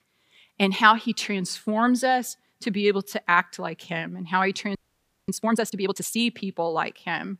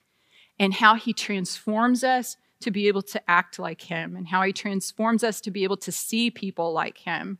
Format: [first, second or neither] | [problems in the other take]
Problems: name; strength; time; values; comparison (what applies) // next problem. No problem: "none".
second | audio freezing; at 5 s for 0.5 s